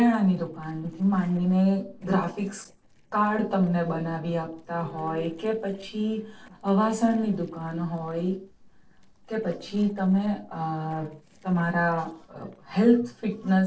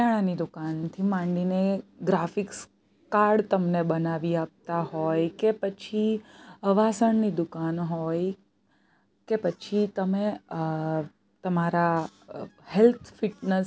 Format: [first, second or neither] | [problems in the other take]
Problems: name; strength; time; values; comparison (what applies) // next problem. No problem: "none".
second | noise reduction (neural separator model SepFormer DNS4)